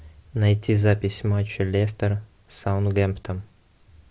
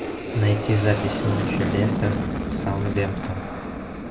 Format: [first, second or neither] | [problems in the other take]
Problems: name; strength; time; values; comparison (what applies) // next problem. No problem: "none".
first | background sound (Aircraft); 2 dB below the speech // room echo; dies away in 0.2 s